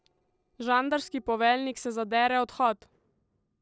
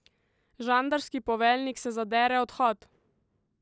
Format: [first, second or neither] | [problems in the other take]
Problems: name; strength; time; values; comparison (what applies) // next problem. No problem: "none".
second | noise reduction (neural separator model SepFormer DNS4)